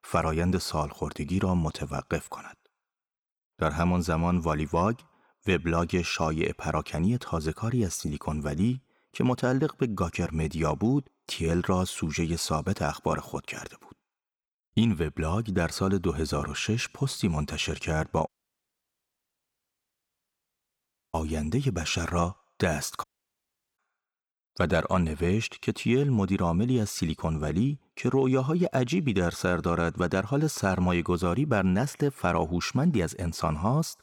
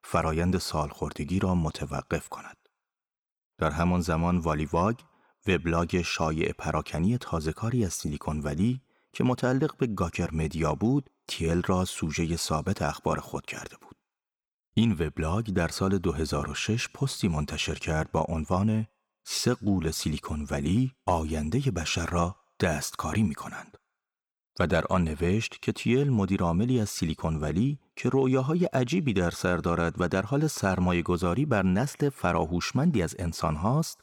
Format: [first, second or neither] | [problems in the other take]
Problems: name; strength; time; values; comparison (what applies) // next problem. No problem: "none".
second | audio cutting out; at 18 s for 3 s and at 23 s for 0.5 s